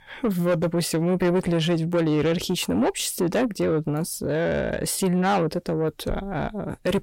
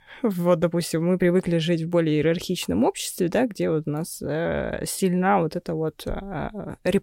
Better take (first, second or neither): second